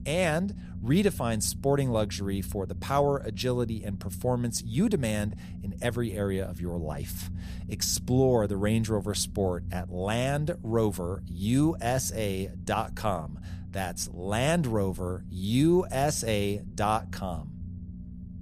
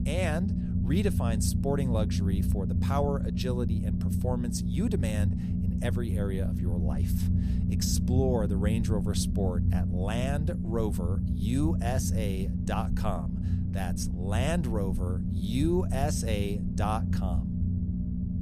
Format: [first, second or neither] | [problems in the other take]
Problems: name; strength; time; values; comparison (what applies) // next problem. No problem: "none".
first | low rumble; loud; throughout; 5 dB below the speech; faint in the first